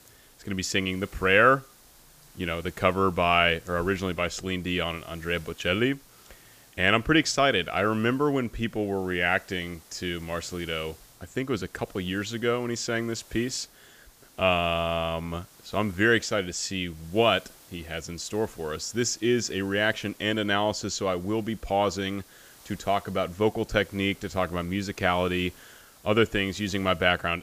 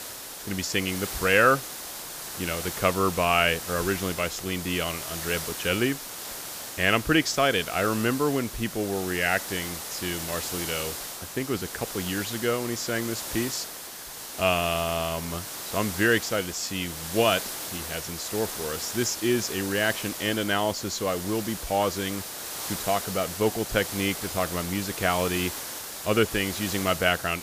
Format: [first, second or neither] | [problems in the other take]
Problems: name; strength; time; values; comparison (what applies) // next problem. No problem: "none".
first | hiss; loud; throughout; 7 dB below the speech; faint in the first